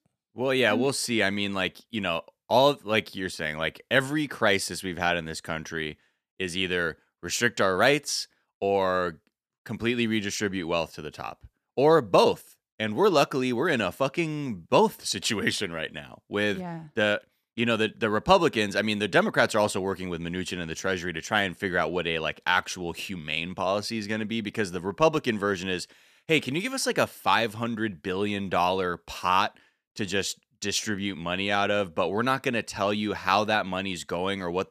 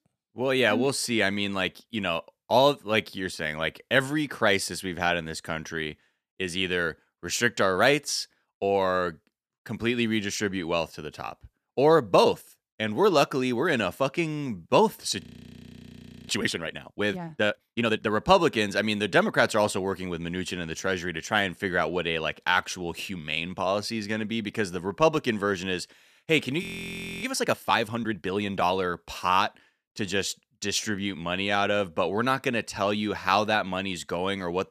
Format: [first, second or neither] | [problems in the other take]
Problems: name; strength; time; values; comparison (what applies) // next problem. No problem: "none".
first | audio freezing; at 15 s for 1 s and at 27 s for 0.5 s